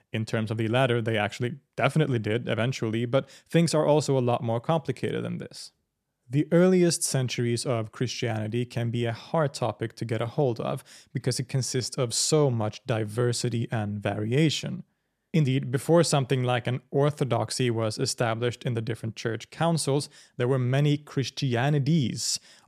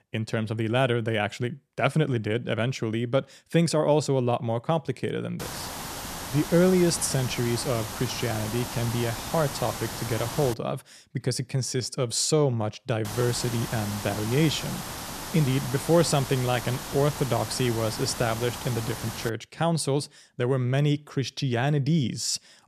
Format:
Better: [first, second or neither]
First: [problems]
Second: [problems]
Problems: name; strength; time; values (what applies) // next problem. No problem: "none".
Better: first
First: none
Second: hiss; loud; from 5.5 to 11 s and from 13 to 19 s; 8 dB below the speech